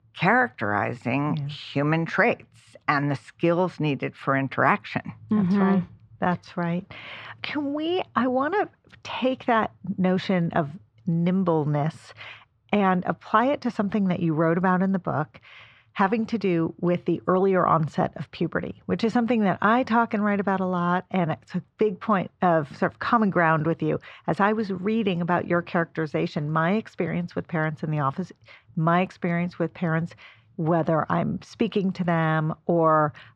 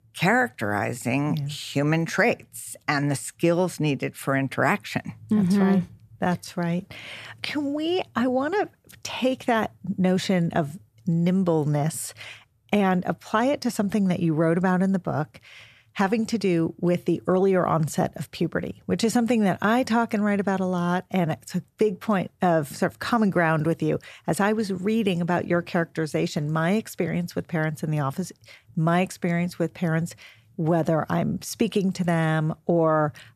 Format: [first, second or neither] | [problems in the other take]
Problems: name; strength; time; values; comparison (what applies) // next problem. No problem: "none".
second | muffled; slightly; fading above 4 kHz